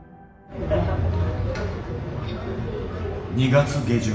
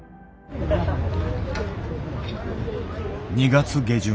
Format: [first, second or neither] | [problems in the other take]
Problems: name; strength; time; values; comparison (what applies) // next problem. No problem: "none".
second | room echo; dies away in 1.1 s